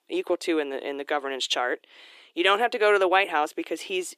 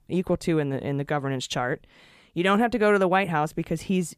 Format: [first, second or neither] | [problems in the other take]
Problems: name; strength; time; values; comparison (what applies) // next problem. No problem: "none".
second | thin; very; fading below 350 Hz